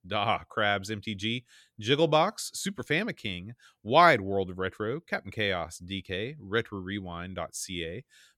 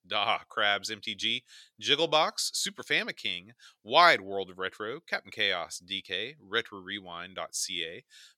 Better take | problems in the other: first | thin; somewhat; fading below 700 Hz

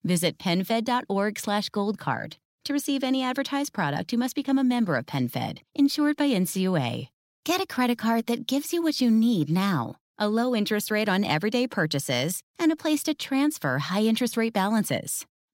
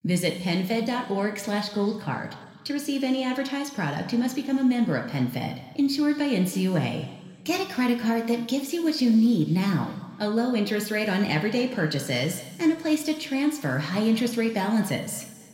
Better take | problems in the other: first | room echo; slight; dies away in 1.7 s

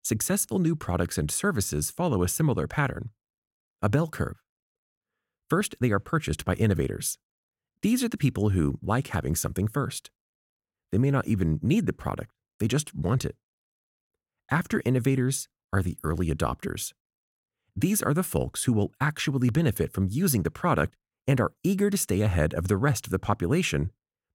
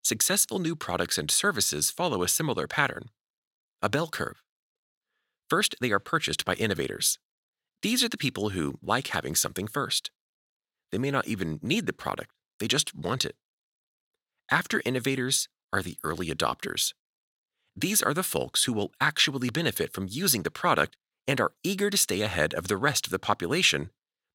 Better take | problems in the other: first | thin; somewhat; fading below 550 Hz

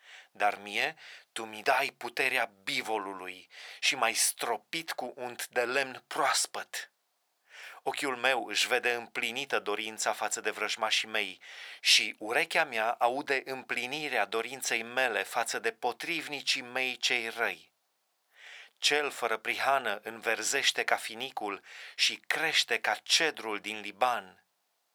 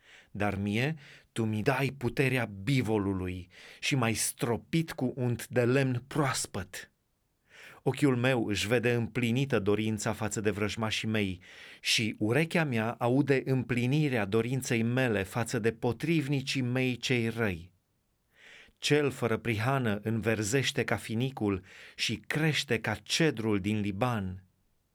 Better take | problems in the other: second | thin; very; fading below 800 Hz

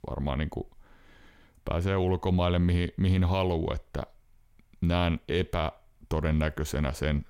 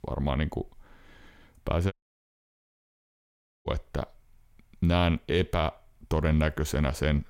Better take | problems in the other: first | audio cutting out; at 2 s for 1.5 s

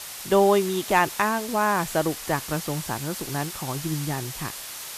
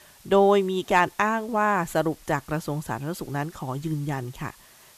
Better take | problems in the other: second | hiss; loud; throughout; 9 dB below the speech; faint in the second

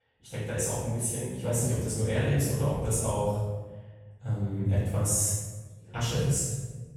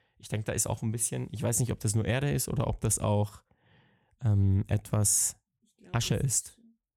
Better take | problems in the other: second | off-mic speech; far // room echo; strong; dies away in 1.1 s

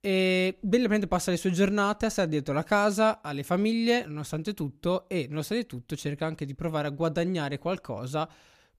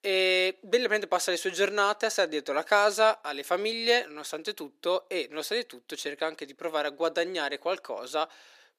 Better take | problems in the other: first | thin; very; fading below 350 Hz

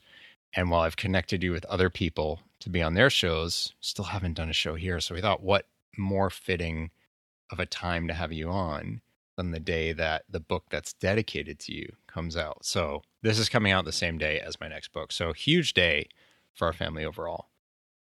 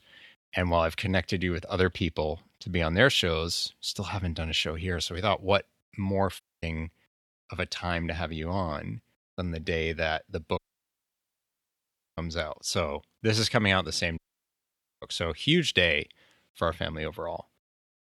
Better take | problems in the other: first | audio cutting out; at 6.5 s, at 11 s for 1.5 s and at 14 s for 1 s

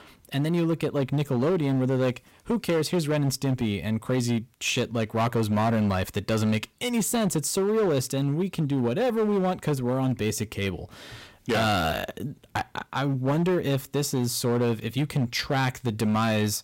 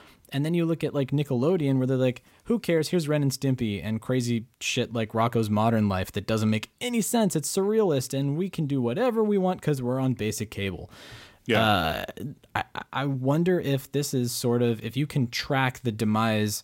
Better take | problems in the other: second | distortion; slight; 12% of the sound clipped

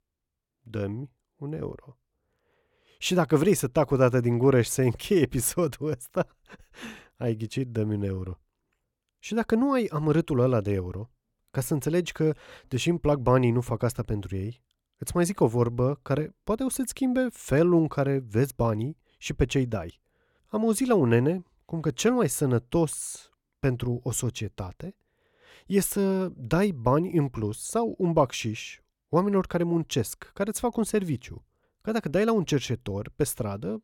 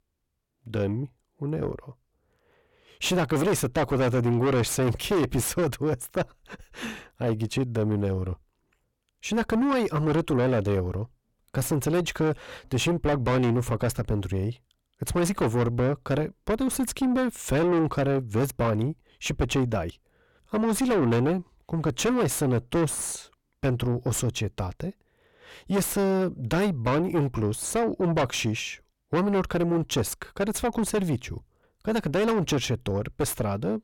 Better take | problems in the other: first | distortion; heavy; 5 dB below the speech

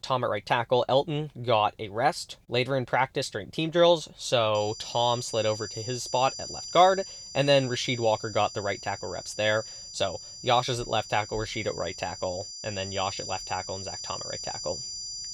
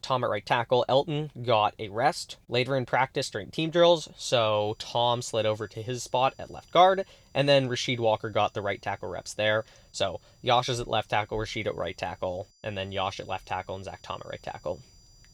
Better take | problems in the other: second | high-pitched whine; loud; from 4.5 s on; 5 kHz, 10 dB below the speech; faint in the second

